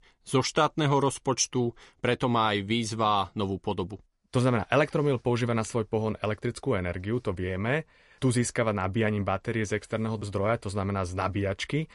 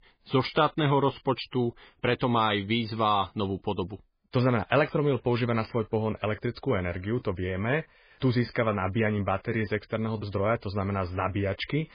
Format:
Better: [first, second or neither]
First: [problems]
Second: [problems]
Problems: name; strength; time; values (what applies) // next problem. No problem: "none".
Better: first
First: garbled, watery; slightly; nothing above 11 kHz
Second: garbled, watery; badly; nothing above 4.5 kHz